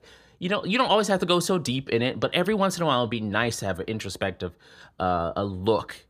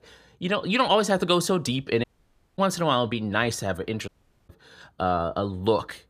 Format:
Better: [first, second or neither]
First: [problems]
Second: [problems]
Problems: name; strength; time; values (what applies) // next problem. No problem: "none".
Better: first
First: none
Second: audio cutting out; at 2 s for 0.5 s and at 4 s